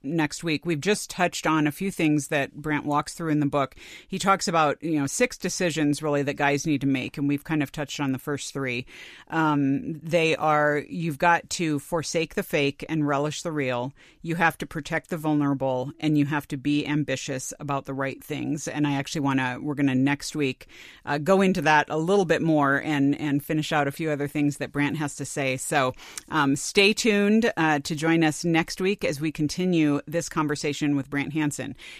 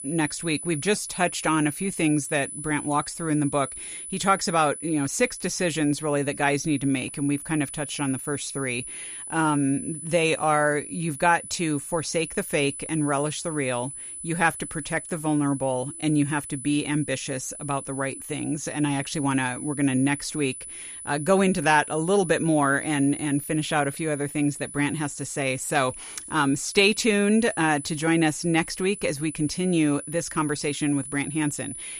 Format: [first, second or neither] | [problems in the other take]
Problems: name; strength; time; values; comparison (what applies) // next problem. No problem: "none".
first | high-pitched whine; loud; throughout; 10 kHz, 10 dB below the speech